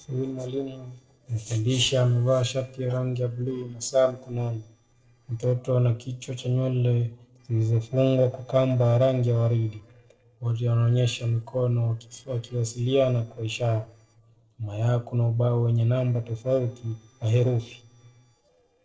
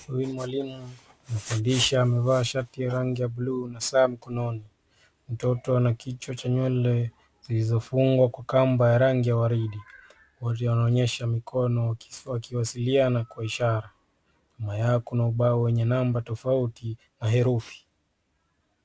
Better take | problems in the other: second | noise reduction (neural separator model SepFormer DNS4)

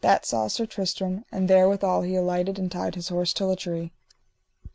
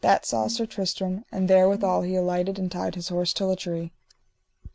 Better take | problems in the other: first | background sound (Brass instrument); 15 dB below the speech

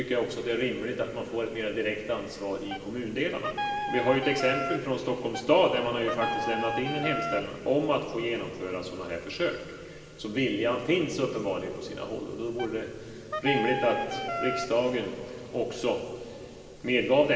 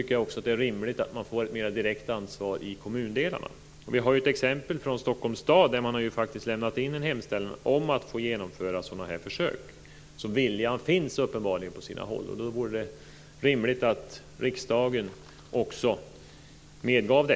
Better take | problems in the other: second | background sound (Wind instrument, woodwind instrument); 4 dB below the speech // room echo; dies away in 2.5 s

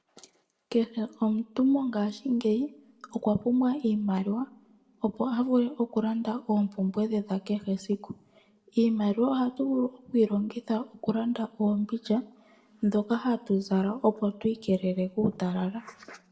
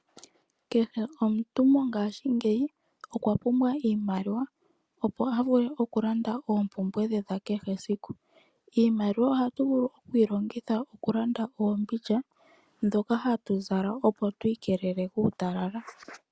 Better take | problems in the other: second | room echo; dies away in 0.6 s

